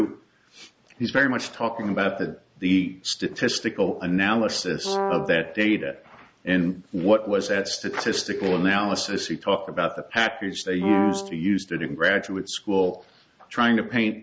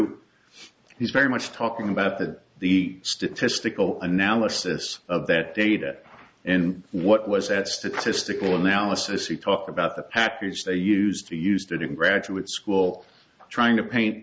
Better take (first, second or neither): second